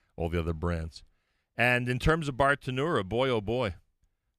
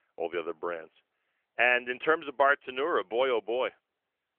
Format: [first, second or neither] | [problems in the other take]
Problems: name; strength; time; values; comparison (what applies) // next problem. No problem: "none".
first | phone-call audio; nothing above 3 kHz